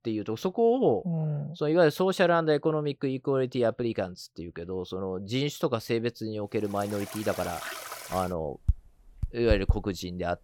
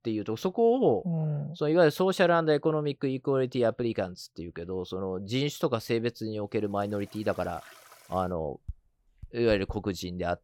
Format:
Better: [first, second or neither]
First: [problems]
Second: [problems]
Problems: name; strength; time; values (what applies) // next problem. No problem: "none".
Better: second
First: household noises; loud; from 6.5 s on; 7 dB below the speech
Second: household noises; faint; from 6.5 s on; 20 dB below the speech